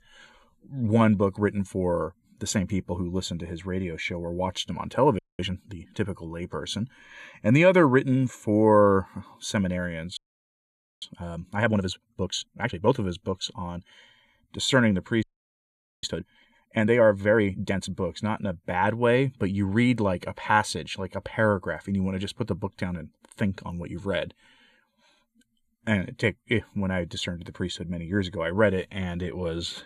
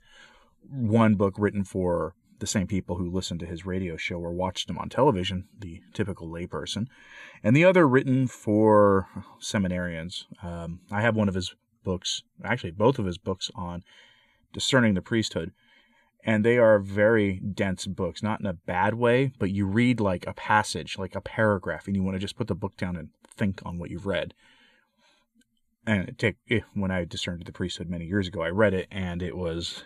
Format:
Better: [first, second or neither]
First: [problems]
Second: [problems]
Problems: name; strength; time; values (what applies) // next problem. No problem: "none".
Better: second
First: audio freezing; at 5 s, at 10 s for 1 s and at 15 s for 1 s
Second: none